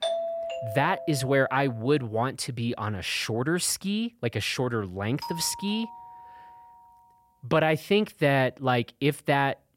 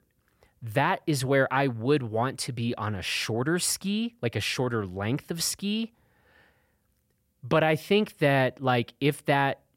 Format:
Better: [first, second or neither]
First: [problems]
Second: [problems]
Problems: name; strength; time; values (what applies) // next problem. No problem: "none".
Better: second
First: doorbell; noticeable; until 1.5 s; peak 2 dB below the speech // doorbell; faint; from 5 to 7 s; peak 10 dB below the speech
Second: none